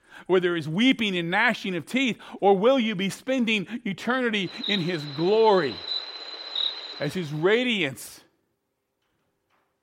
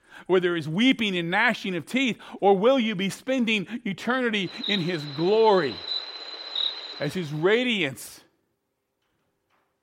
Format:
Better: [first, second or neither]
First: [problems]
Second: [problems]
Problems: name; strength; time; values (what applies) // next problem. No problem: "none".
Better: neither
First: animal sounds; loud; until 7 s; 7 dB below the speech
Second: animal sounds; loud; until 7 s; 7 dB below the speech